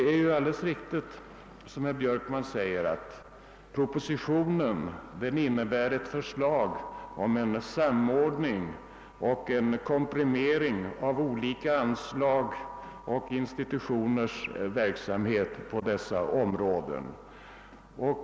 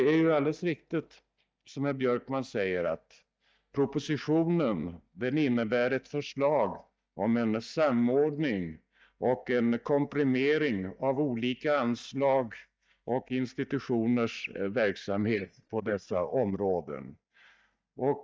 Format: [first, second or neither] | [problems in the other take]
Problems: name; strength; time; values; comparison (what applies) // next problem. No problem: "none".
first | noise reduction (neural mask model DeepFilterNet 3)